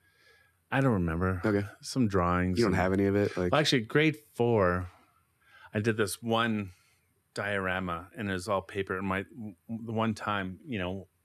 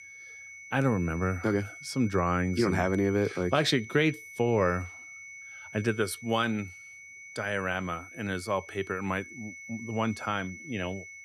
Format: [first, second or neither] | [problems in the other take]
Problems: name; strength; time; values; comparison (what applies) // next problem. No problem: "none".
first | high-pitched whine; noticeable; throughout; 2 kHz, 15 dB below the speech